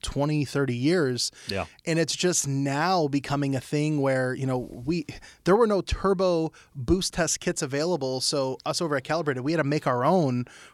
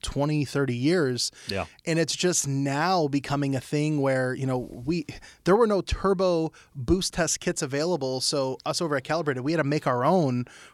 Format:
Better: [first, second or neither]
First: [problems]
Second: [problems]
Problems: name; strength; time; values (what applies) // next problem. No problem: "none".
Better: neither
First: none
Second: none